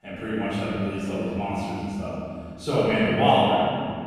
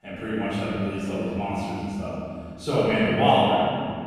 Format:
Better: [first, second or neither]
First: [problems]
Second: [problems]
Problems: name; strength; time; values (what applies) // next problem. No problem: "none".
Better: neither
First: room echo; strong; dies away in 2.1 s // off-mic speech; far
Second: room echo; strong; dies away in 2.1 s // off-mic speech; far